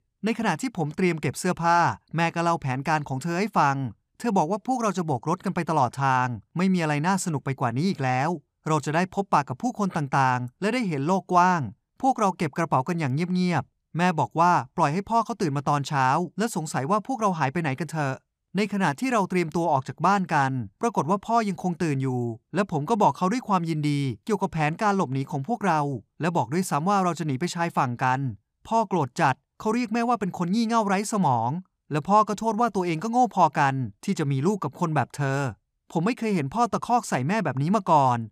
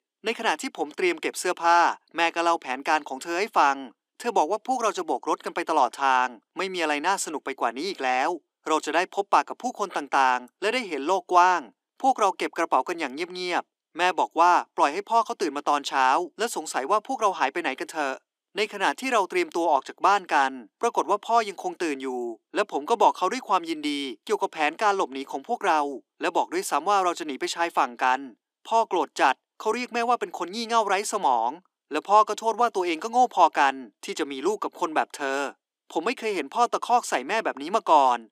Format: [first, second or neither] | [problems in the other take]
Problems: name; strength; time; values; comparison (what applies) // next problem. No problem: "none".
first | thin; somewhat; fading below 300 Hz